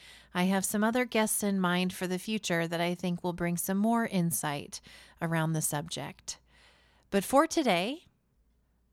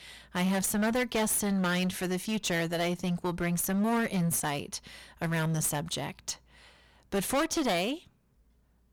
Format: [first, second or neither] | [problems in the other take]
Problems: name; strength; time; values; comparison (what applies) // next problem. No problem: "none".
first | distortion; heavy; 13% of the sound clipped